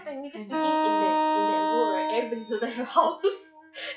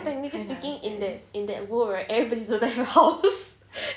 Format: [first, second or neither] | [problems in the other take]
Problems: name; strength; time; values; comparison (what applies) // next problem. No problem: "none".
second | noise reduction (classical method log-MMSE)